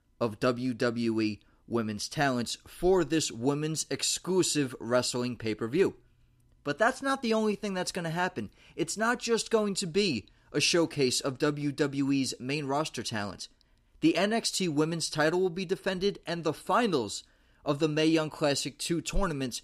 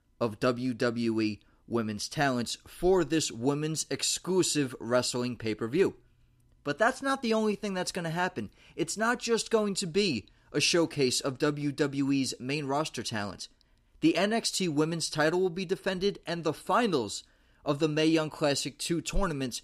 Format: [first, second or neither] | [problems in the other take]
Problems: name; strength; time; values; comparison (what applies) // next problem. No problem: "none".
neither | none